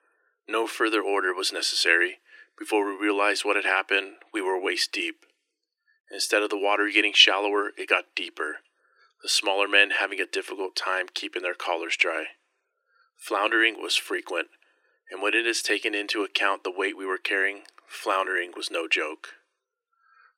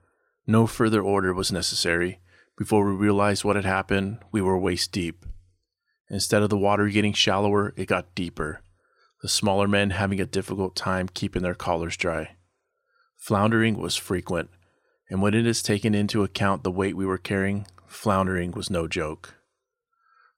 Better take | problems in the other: second | thin; very; fading below 300 Hz

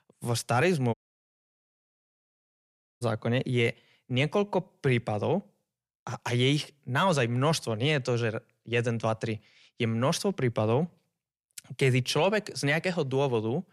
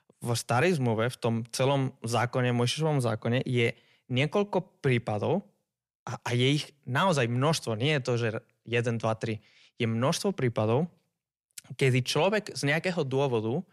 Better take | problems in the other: second | audio cutting out; at 1 s for 2 s

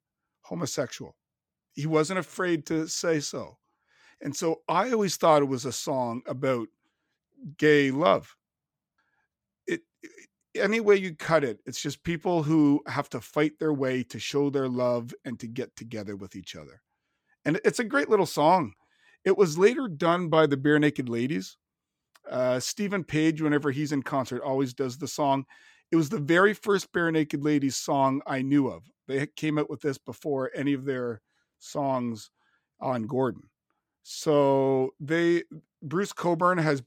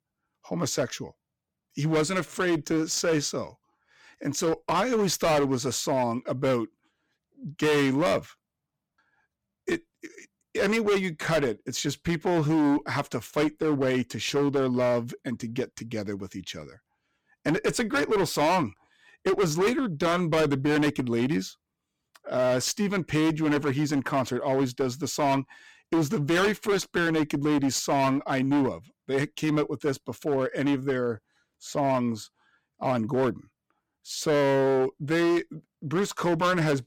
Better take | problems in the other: first | distortion; heavy; 12% of the sound clipped

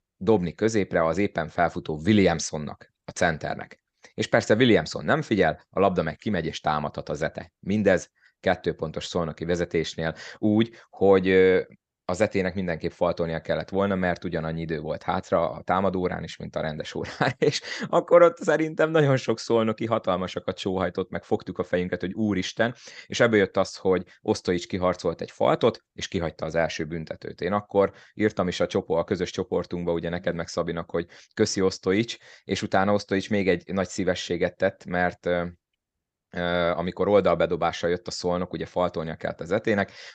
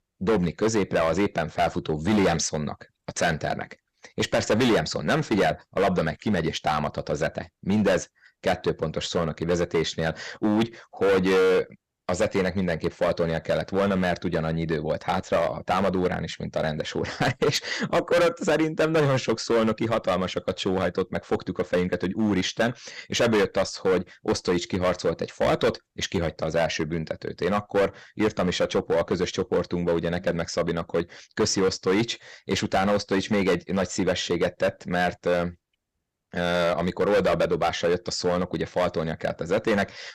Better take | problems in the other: first | distortion; heavy; 9% of the sound clipped

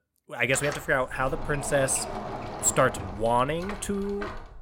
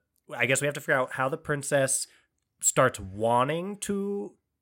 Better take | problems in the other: second | door banging; noticeable; peak 8 dB below the speech

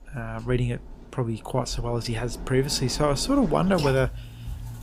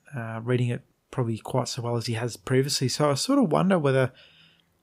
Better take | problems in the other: second | rain or running water; noticeable; throughout; 10 dB below the speech

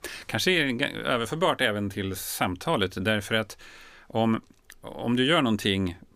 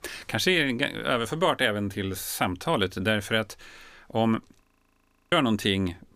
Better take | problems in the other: first | audio freezing; at 4.5 s for 0.5 s

